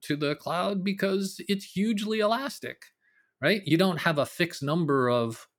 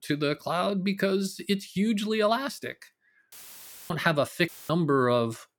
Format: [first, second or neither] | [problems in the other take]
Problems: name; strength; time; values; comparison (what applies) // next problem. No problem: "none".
first | audio cutting out; filled with static; at 3.5 s for 0.5 s and at 4.5 s